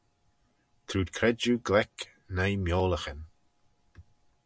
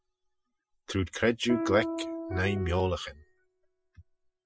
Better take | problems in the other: first | noise reduction (classical method spectral subtraction)

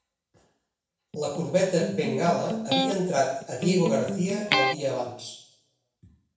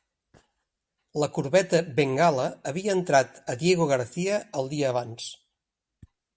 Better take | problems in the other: second | background sound (Electric guitar); 2 dB below the speech // room echo; dies away in 0.6 s

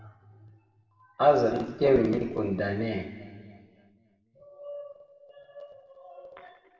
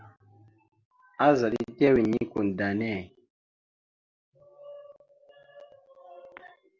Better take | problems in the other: second | room echo; dies away in 1.9 s

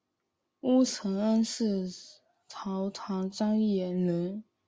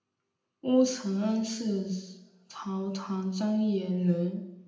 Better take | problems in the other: first | room echo; dies away in 0.8 s

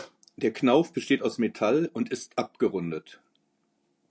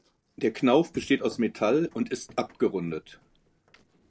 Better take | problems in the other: first | noise reduction (neural separator model SepFormer DNS4)

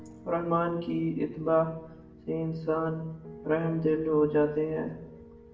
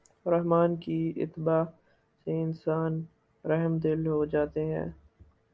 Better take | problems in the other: second | background sound (Piano); 19 dB below the speech // room echo; dies away in 0.7 s

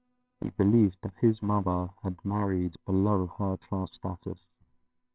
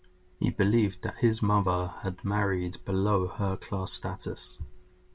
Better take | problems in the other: second | noise reduction (neural separator model SepFormer WHAMR!)

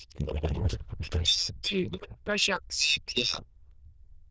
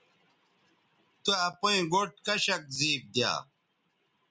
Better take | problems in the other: second | noise reduction (neural diffusion model UNIVERSE++)

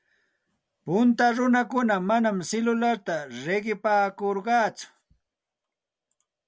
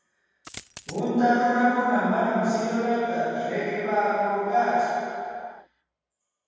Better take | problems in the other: first | background sound (Coin (dropping)); 18 dB below the speech // room echo; dies away in 2.2 s

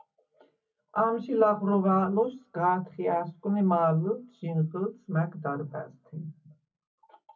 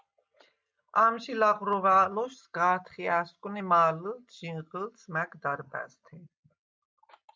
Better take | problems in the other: second | room echo; dies away in 0.3 s

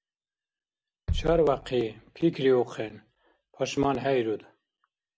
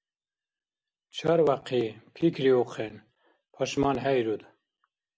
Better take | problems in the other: second | background sound (Bass drum); 11 dB below the speech

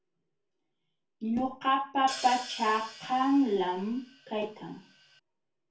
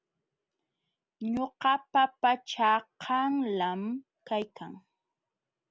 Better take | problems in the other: second | background sound (Hi-hat); 14 dB below the speech // room echo; dies away in 0.3 s

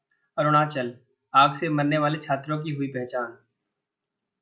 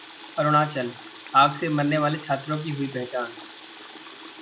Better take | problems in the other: first | background sound (Water tap, faucet); 17 dB below the speech

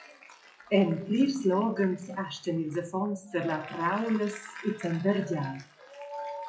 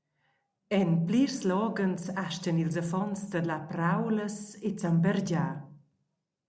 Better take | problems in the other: second | noise reduction (classical method WPE with log-MMSE)

